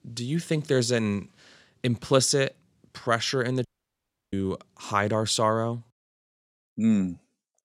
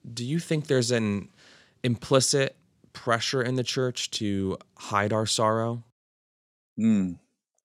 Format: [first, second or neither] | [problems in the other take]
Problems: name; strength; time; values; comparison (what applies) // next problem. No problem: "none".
second | audio cutting out; at 3.5 s for 0.5 s